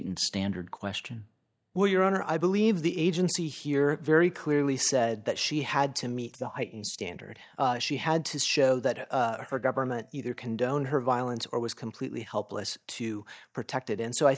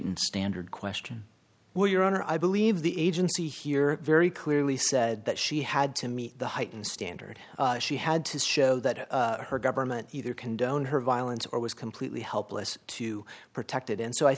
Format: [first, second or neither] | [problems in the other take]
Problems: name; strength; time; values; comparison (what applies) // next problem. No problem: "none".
second | noise reduction (neural mask model DeepFilterNet 3)